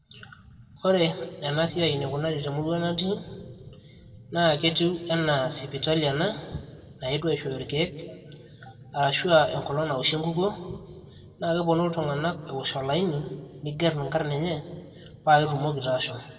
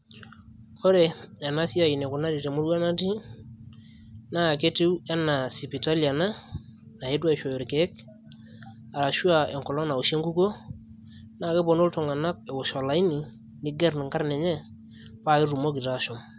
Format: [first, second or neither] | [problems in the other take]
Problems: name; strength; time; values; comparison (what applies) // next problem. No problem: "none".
second | room echo; dies away in 1.1 s